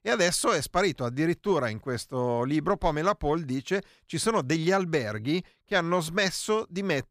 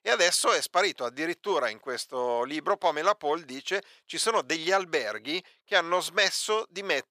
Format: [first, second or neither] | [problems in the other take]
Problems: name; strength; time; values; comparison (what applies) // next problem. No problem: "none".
first | thin; very; fading below 550 Hz